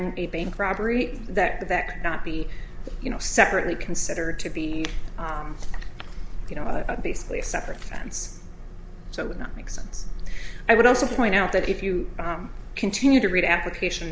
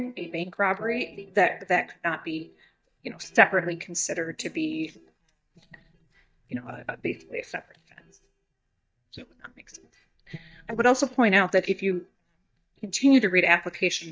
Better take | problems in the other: first | noise reduction (neural mask model DeepFilterNet 3)

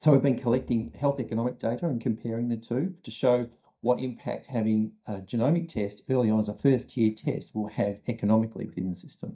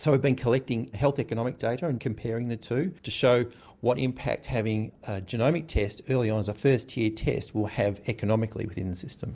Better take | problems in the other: second | noise reduction (neural mask model DeepFilterNet 3)

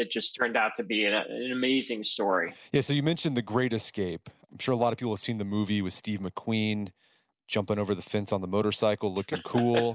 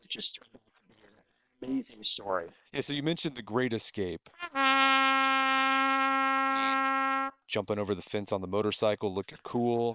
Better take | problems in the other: first | noise reduction (neural separator model SepFormer WHAM!)

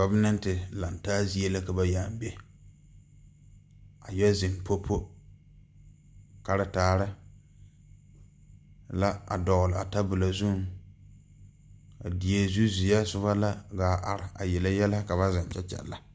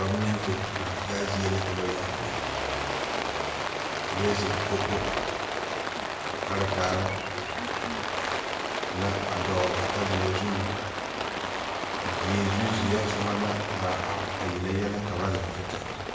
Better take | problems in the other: first | background sound (Rain); 1 dB above the speech // room echo; dies away in 1.1 s

